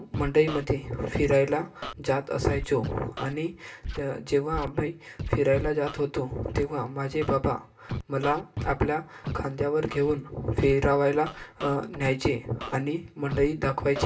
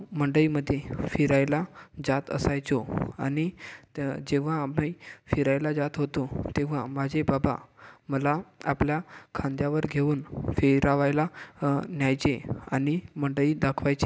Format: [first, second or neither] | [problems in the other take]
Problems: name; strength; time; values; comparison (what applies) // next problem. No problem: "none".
second | background sound (Scratching (performance technique)); 11 dB below the speech // room echo; dies away in 0.2 s